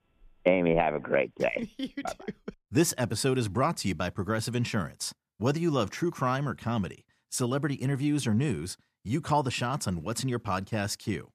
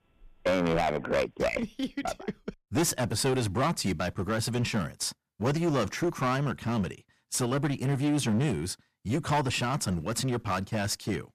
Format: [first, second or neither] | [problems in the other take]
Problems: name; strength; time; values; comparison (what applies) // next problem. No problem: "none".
first | distortion; heavy; 11% of the sound clipped